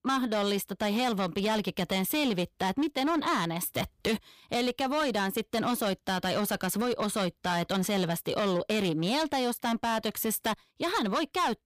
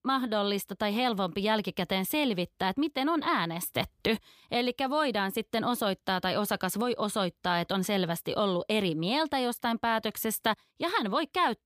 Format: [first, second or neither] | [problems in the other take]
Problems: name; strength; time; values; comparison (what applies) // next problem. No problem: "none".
second | distortion; slight; 14% of the sound clipped